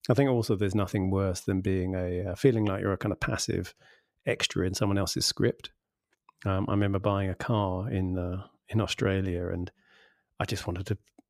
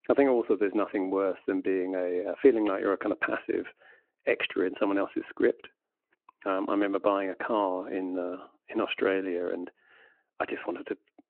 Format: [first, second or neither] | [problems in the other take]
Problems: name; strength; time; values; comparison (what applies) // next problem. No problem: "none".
first | phone-call audio